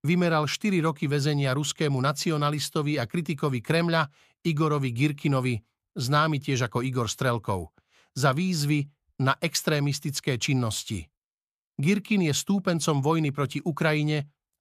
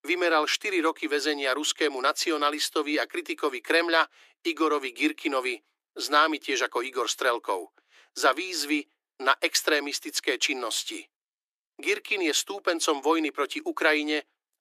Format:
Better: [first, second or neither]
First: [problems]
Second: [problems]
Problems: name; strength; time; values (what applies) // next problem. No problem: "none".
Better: first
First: none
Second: thin; very; fading below 300 Hz